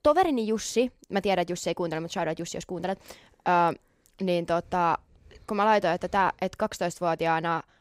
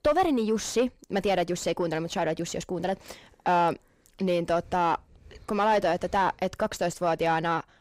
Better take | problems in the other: first | distortion; slight; 10 dB below the speech

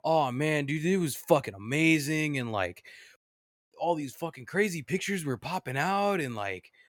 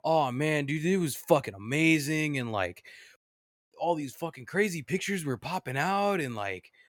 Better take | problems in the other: neither | none

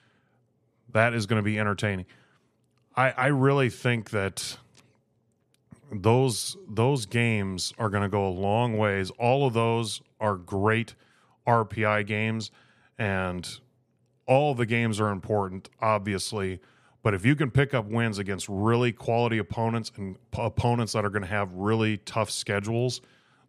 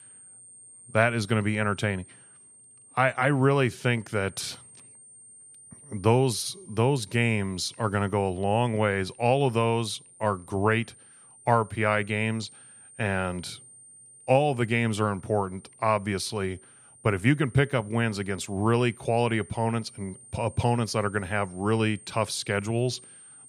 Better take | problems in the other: first | high-pitched whine; faint; throughout; 9 kHz, 20 dB below the speech

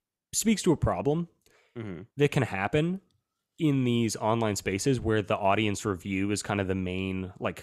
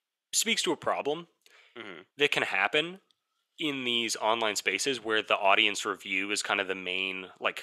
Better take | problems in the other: first | thin; somewhat; fading below 450 Hz

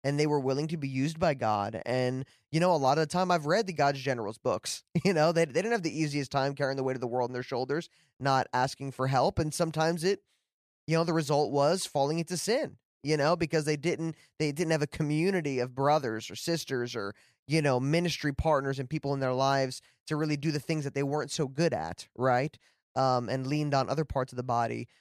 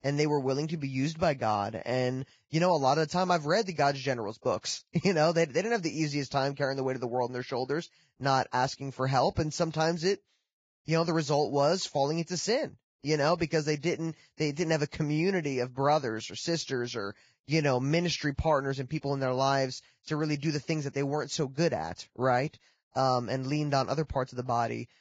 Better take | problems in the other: first | garbled, watery; badly; nothing above 7.5 kHz

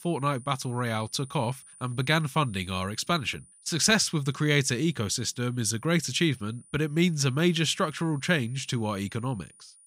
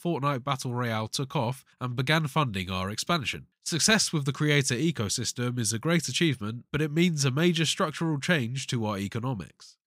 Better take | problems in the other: second | high-pitched whine; faint; throughout; 9.5 kHz, 25 dB below the speech

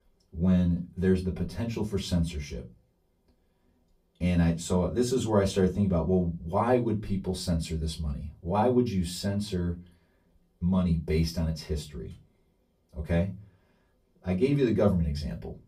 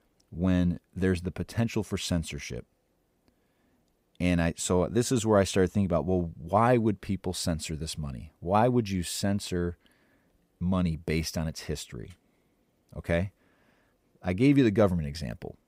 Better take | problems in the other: second | off-mic speech; far // room echo; very slight; dies away in 0.2 s

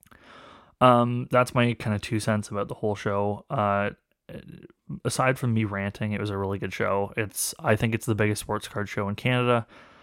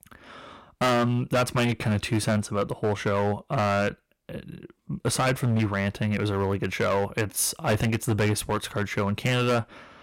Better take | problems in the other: first | distortion; heavy; 10% of the sound clipped

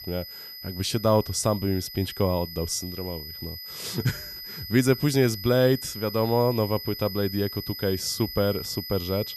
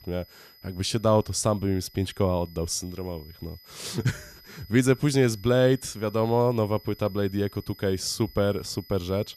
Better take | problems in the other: second | high-pitched whine; loud; throughout; 5 kHz, 10 dB below the speech; faint in the second

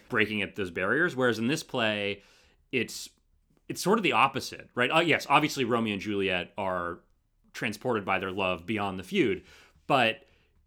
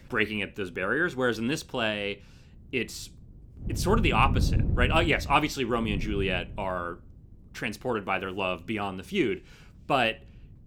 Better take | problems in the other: first | wind noise on the microphone; occasional gusts; 15 dB below the speech

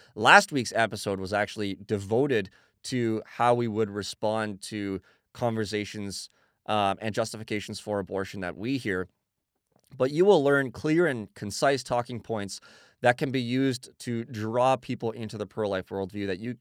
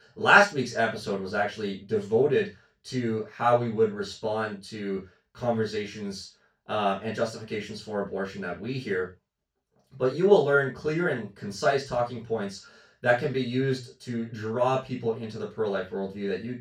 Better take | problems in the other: first | room echo; noticeable; dies away in 0.2 s // off-mic speech; far

